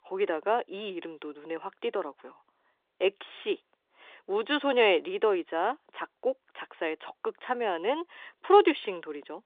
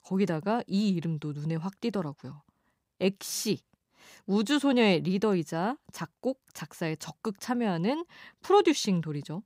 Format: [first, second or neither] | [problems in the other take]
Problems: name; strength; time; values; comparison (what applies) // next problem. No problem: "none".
second | phone-call audio